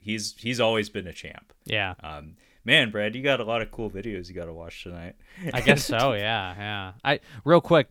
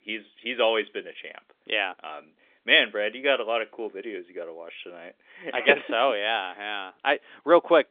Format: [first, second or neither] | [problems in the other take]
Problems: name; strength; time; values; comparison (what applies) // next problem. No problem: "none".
first | phone-call audio; nothing above 3.5 kHz